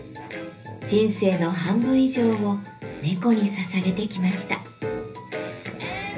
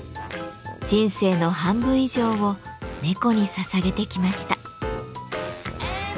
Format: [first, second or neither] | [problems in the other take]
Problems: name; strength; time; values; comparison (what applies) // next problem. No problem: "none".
second | room echo; dies away in 0.3 s